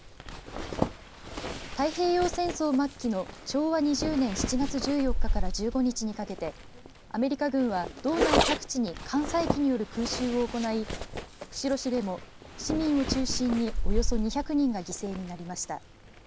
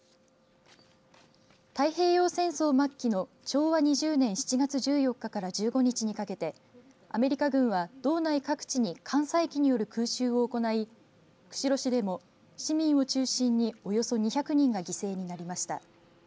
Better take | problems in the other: second | background sound (Zipper (clothing)); 3 dB below the speech

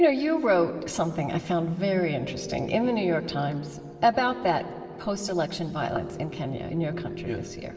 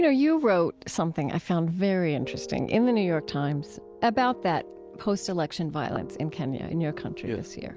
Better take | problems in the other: second | room echo; dies away in 2.4 s

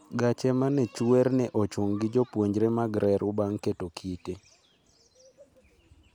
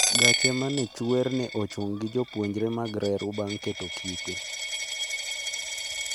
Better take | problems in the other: first | background sound (Coin (dropping)); as loud as the speech

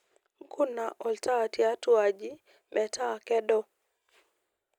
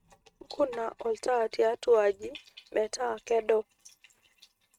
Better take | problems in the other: first | noise reduction (neural mask model RNNoise)

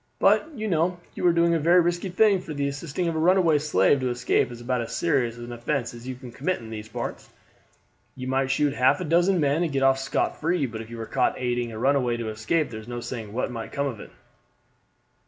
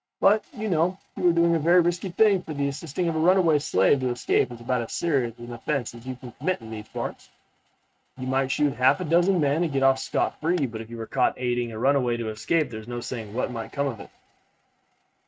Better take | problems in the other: first | noise reduction (neural mask model RNNoise)

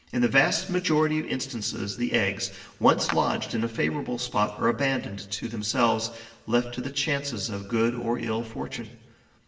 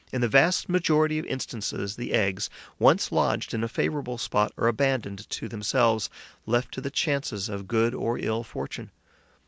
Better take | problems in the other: second | background sound (Clapping); 14 dB below the speech // room echo; dies away in 0.9 s

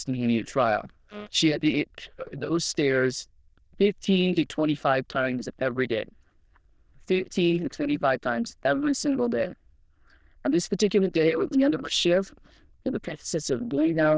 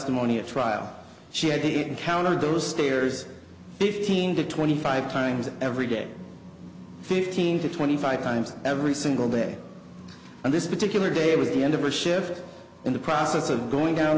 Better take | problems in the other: second | noise reduction (neural diffusion model UNIVERSE++)

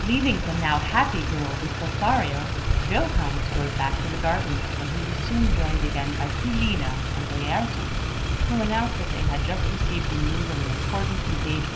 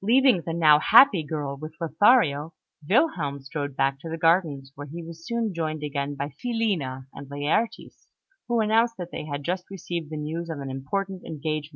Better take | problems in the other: second | background sound (Motor vehicle (road)); 3 dB above the speech // room echo; dies away in 1.4 s

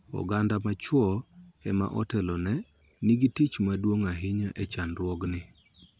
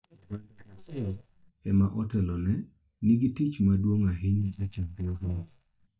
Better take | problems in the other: first | noise reduction (neural mask model DeepFilterNet 3)

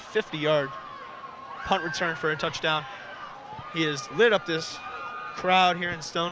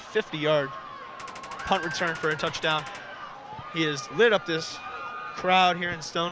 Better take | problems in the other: first | background sound (Gunshot, gunfire); 16 dB below the speech

